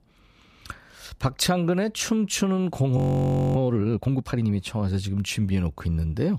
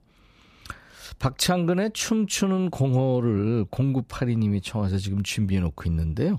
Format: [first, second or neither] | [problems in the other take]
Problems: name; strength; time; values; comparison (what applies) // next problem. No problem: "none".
second | audio freezing; at 3 s for 0.5 s